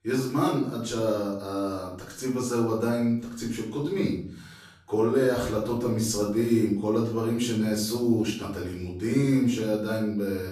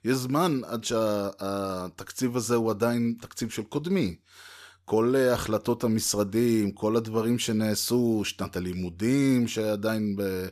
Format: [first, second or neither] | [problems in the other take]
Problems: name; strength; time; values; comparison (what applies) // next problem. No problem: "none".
second | off-mic speech; far // room echo; noticeable; dies away in 0.6 s